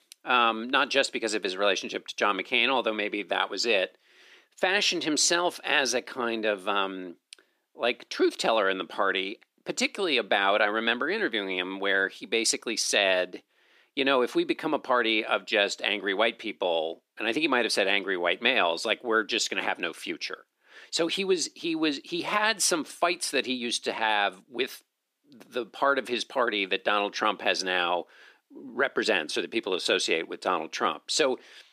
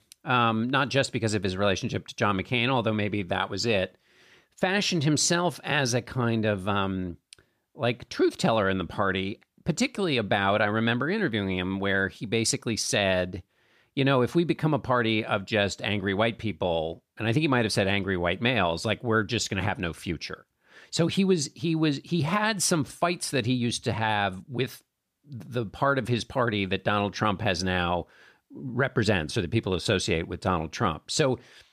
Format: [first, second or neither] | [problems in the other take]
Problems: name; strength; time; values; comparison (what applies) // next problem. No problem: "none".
second | thin; somewhat; fading below 300 Hz